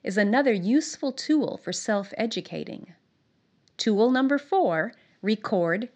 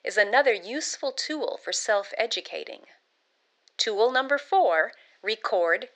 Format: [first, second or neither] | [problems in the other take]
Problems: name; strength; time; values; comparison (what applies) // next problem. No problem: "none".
first | thin; very; fading below 450 Hz